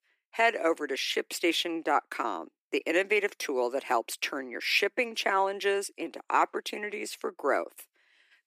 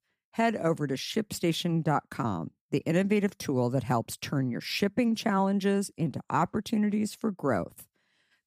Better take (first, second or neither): second